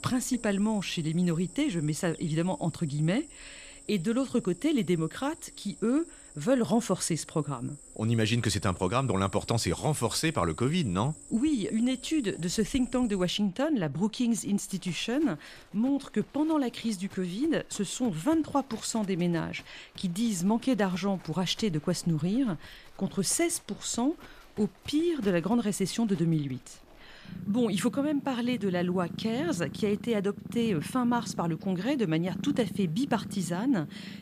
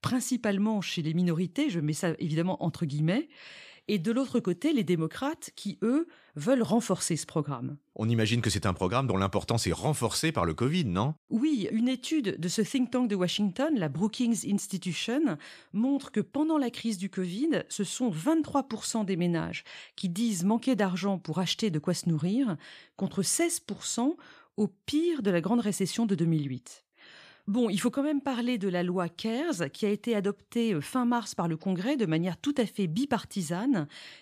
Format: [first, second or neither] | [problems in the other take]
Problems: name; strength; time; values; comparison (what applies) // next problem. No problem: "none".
second | animal sounds; noticeable; throughout; 15 dB below the speech